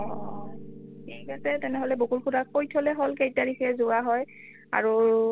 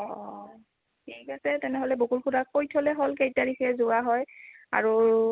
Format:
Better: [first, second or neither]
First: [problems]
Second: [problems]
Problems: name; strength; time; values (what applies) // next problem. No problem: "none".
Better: second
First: background sound (Piano); 15 dB below the speech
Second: none